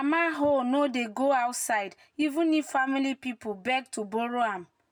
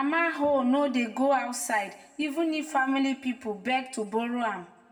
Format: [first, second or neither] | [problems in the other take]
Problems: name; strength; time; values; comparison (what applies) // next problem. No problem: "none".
first | room echo; dies away in 1 s